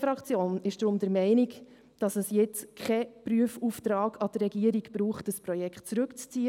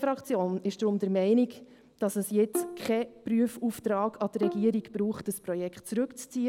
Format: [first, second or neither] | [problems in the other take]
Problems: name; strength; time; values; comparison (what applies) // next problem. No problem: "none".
first | background sound (Bowed string instrument); 11 dB below the speech